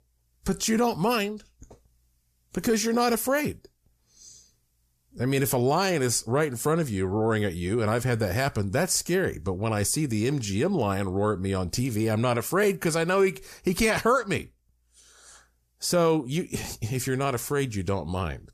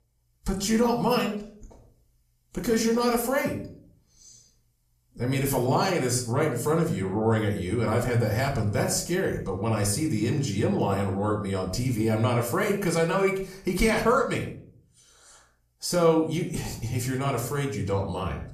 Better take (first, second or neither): first